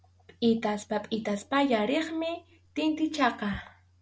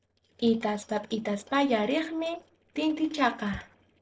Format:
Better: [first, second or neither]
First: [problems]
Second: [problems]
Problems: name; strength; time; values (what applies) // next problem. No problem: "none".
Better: first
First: none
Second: noise reduction (neural separator model SepFormer DNS4)